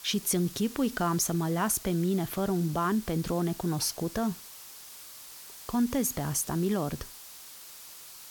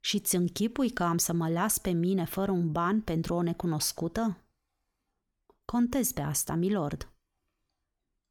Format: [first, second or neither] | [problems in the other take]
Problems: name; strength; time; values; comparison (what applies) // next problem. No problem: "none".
second | hiss; noticeable; throughout; 15 dB below the speech